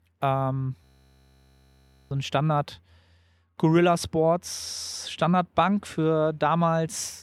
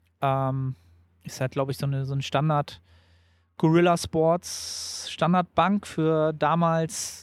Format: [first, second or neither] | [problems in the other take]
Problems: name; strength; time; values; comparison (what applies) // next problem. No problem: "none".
second | audio freezing; at 1 s for 1.5 s